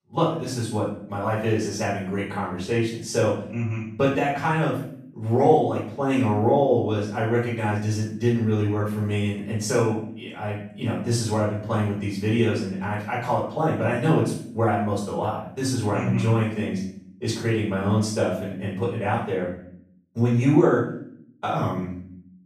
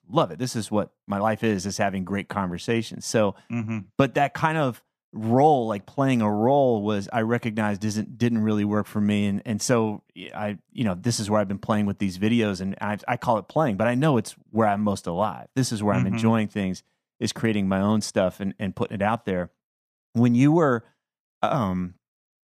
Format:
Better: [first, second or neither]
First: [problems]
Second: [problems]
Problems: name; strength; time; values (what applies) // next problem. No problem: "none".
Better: second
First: off-mic speech; far // room echo; noticeable; dies away in 0.5 s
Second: none